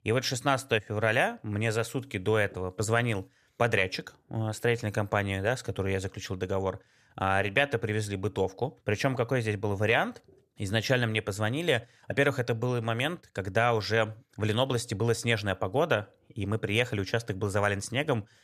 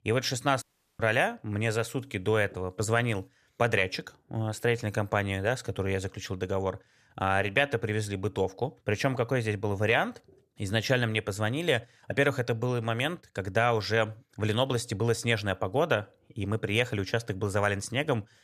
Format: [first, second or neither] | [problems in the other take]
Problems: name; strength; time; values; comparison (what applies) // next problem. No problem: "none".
first | audio cutting out; at 0.5 s